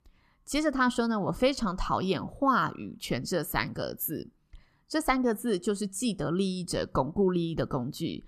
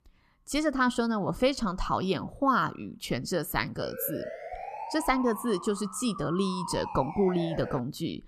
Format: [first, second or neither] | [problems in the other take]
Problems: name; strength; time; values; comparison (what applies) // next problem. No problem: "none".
first | siren; noticeable; from 4 s on; peak 8 dB below the speech